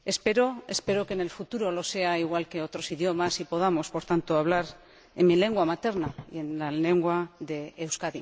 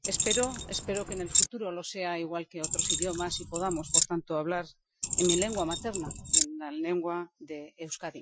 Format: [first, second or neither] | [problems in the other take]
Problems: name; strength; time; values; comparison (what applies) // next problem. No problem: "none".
first | noise reduction (classical method Wiener filter)